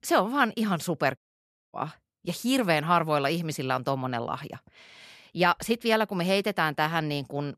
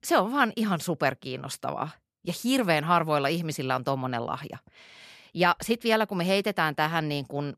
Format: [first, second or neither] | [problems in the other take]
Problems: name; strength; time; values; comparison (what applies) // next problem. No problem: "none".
second | audio cutting out; at 1 s for 0.5 s